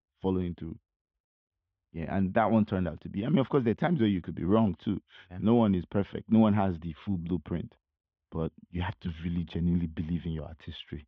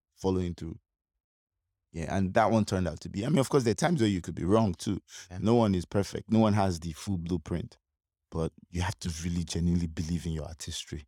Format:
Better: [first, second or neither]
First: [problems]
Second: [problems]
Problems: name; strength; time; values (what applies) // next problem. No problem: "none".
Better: second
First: muffled; very; fading above 3 kHz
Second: none